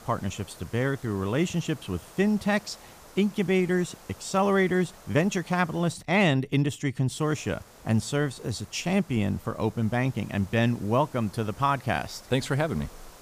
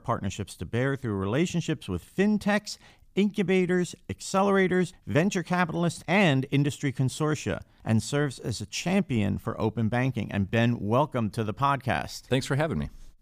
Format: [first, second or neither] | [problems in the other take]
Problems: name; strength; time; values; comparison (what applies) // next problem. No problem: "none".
second | hiss; faint; until 6 s and from 7 s on; 25 dB below the speech